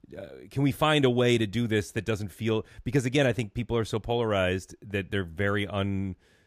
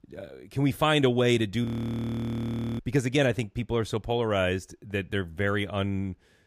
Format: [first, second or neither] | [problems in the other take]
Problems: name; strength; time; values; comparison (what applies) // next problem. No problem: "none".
first | audio freezing; at 1.5 s for 1 s